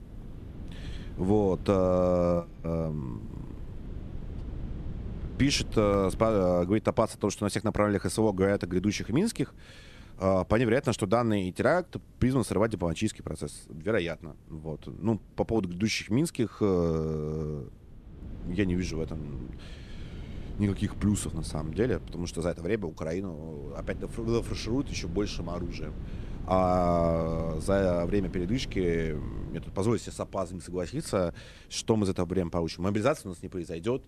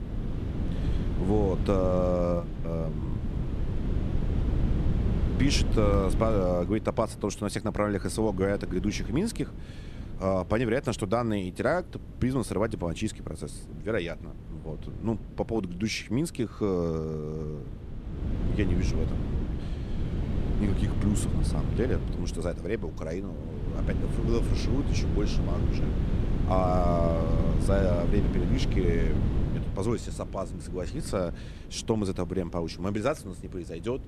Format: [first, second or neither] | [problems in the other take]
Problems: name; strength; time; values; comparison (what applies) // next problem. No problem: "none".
first | wind noise on the microphone; heavy; 9 dB below the speech; occasional gusts in the first